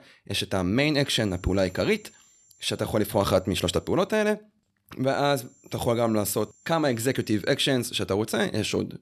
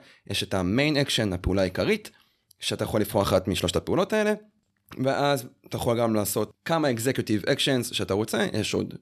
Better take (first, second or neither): second